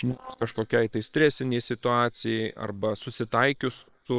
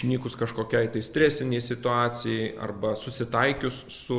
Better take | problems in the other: second | noise reduction (neural separator model SepFormer WHAM!)

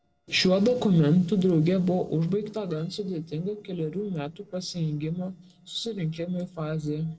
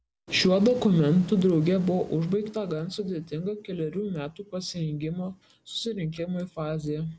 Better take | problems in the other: second | noise reduction (neural separator model SepFormer DNS4)

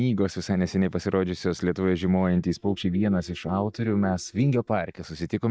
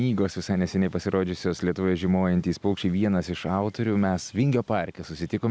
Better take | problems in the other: second | noise reduction (neural mask model DeepFilterNet 3)

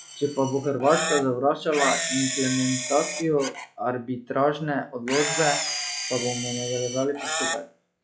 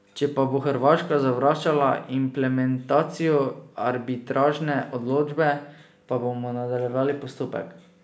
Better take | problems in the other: second | noise reduction (classical method log-MMSE)

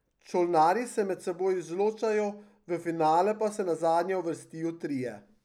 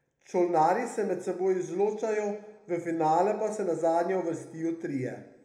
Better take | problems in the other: first | room echo; dies away in 0.7 s

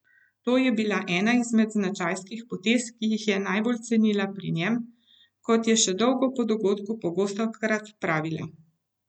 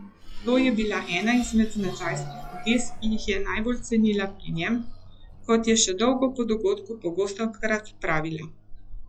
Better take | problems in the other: first | noise reduction (classical method log-MMSE)

